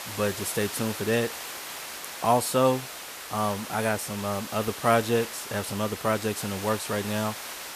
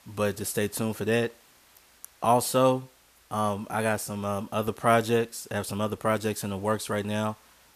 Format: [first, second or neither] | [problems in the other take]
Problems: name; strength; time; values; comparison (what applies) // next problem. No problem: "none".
second | hiss; loud; throughout; 8 dB below the speech; faint in the second